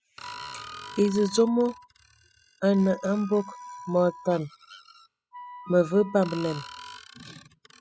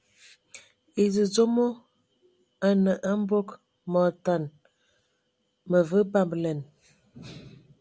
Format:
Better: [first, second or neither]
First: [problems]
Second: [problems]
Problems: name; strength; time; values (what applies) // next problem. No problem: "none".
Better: second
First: noise reduction (classical method spectral subtraction)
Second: none